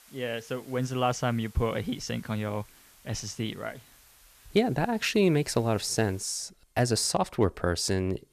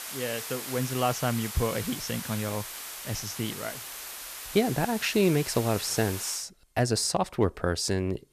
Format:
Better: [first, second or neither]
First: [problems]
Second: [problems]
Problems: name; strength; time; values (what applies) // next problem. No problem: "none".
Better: first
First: hiss; faint; until 6.5 s; 25 dB below the speech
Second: hiss; loud; until 6.5 s; 8 dB below the speech